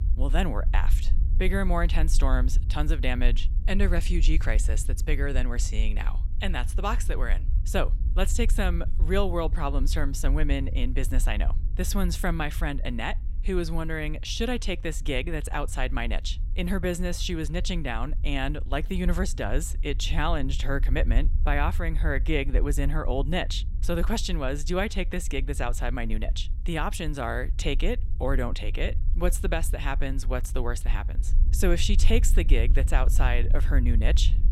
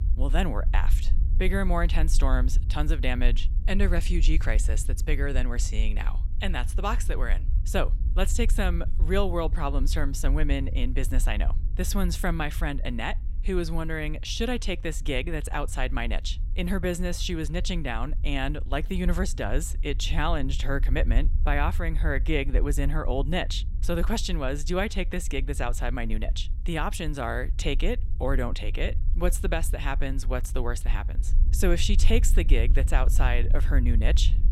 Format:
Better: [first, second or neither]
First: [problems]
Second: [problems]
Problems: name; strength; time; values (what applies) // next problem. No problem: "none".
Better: neither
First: low rumble; noticeable; throughout; 20 dB below the speech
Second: low rumble; noticeable; throughout; 20 dB below the speech